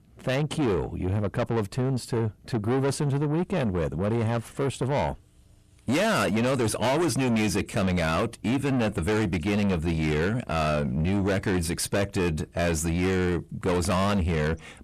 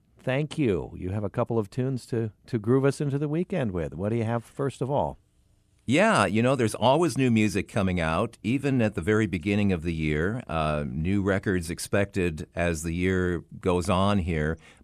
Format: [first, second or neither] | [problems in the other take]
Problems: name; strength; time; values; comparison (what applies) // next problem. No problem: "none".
second | distortion; heavy; 6 dB below the speech